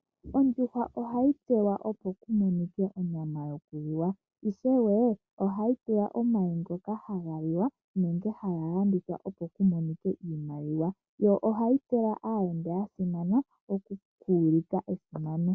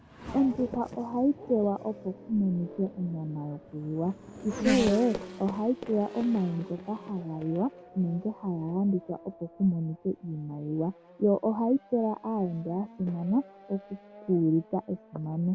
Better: first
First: none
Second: background sound (Race car, auto racing / Accelerating, revving, vroom); 12 dB below the speech

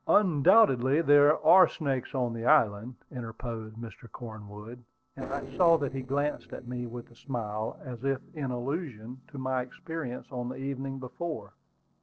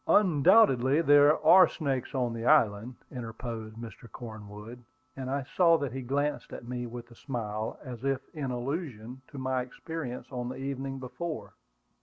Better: second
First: noise reduction (neural separator model SepFormer DNS4)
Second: none

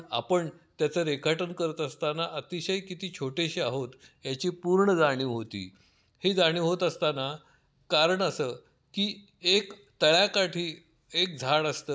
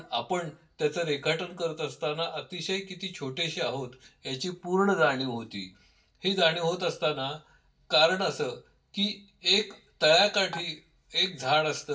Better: first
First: none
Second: background sound (Dishes, pots, and pans); 17 dB below the speech // room echo; dies away in 0.2 s

